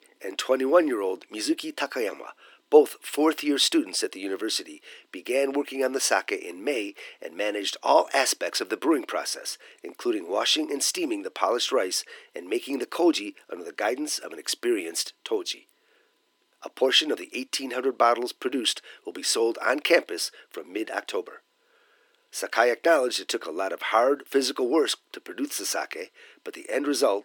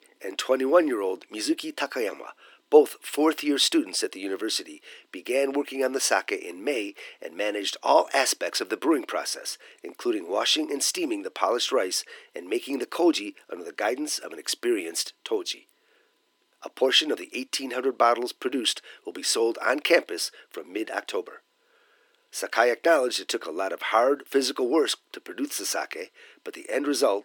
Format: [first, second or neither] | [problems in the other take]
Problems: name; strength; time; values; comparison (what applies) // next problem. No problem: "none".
neither | thin; somewhat; fading below 300 Hz; the same in both